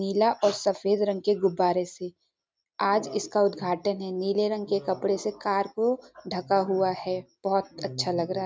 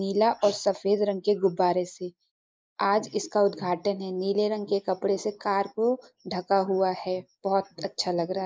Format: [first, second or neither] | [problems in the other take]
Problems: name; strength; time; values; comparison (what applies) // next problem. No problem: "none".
first | noise reduction (neural mask model Resemble Enhance denoiser)